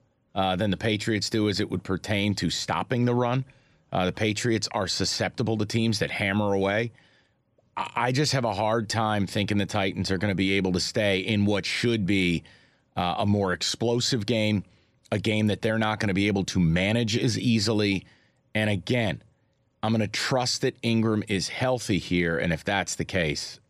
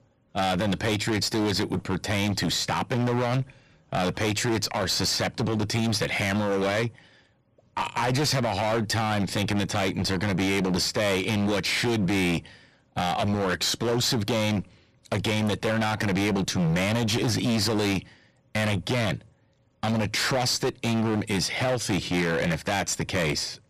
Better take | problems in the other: first | distortion; heavy; 24% of the sound clipped

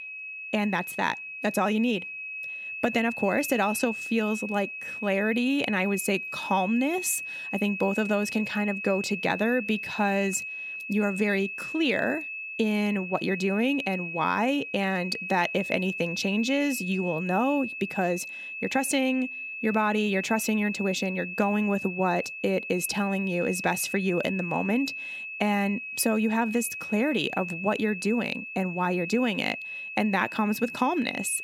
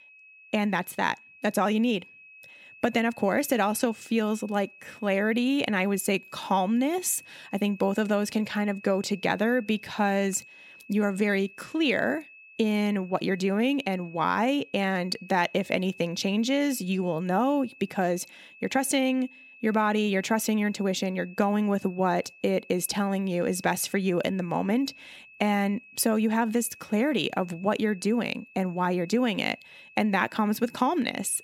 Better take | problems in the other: second | high-pitched whine; loud; throughout; 2.5 kHz, 6 dB below the speech; faint in the second

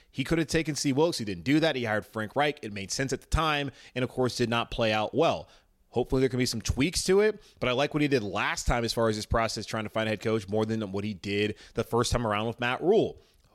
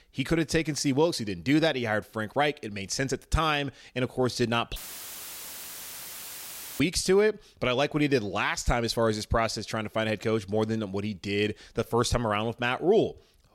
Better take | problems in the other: first | audio cutting out; filled with static; at 5 s for 2 s

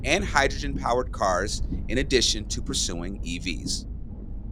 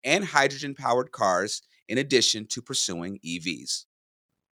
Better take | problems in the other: second | low rumble; faint; throughout; 20 dB below the speech

